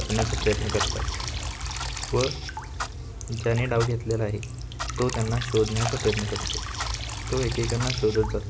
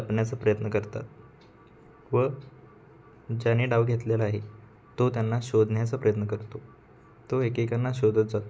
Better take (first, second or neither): second